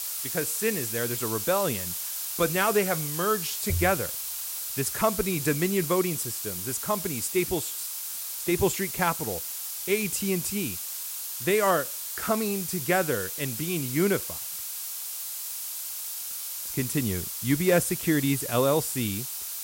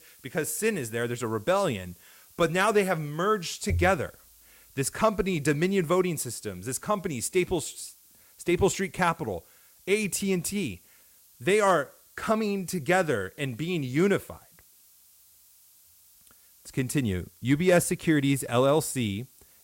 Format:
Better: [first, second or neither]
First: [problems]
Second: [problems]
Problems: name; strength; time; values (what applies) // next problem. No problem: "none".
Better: second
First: hiss; loud; throughout; 3 dB below the speech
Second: hiss; faint; throughout; 25 dB below the speech